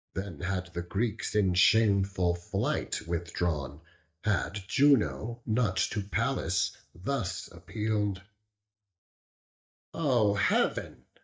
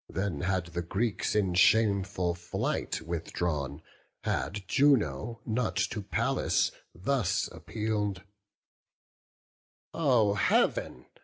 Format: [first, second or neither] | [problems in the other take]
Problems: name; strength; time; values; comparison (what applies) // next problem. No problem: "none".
second | noise reduction (neural mask model DeepFilterNet 3)